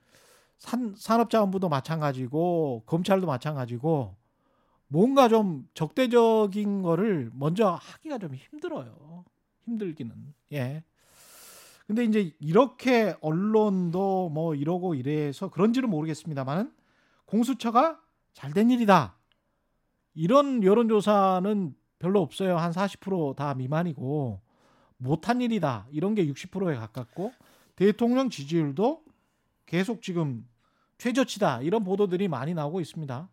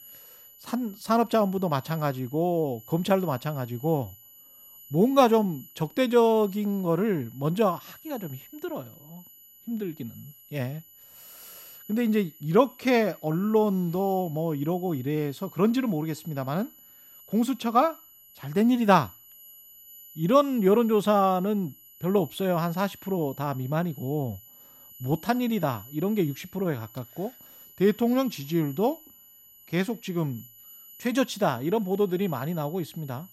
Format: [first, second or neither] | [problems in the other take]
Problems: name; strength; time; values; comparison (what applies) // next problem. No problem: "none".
first | high-pitched whine; faint; throughout; 12 kHz, 20 dB below the speech